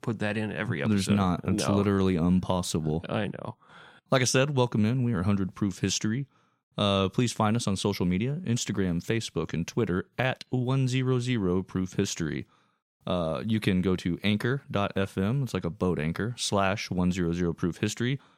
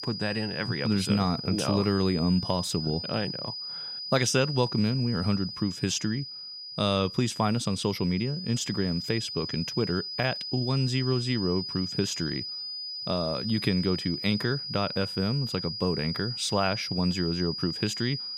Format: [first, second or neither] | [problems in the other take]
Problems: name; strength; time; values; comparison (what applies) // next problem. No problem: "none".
first | high-pitched whine; loud; throughout; 5 kHz, 6 dB below the speech